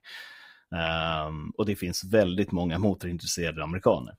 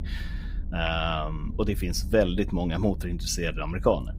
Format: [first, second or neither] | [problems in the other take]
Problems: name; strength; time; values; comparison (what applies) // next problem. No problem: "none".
first | low rumble; faint; throughout; 25 dB below the speech